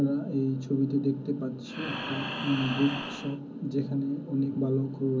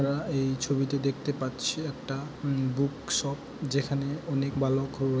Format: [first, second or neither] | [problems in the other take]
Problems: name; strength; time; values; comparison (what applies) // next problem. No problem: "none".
second | background sound (Breathing); 7 dB below the speech // room echo; dies away in 0.4 s